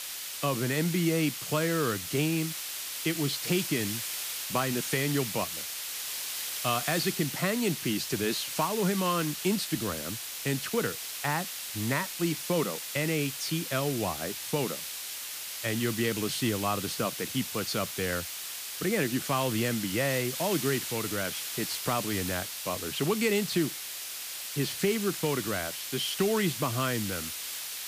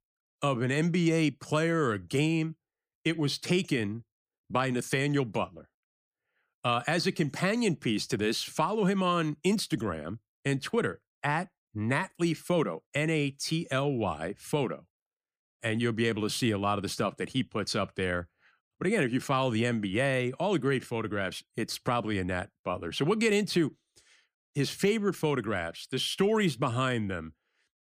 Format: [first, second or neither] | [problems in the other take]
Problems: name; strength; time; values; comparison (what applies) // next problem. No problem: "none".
second | hiss; loud; throughout; 4 dB below the speech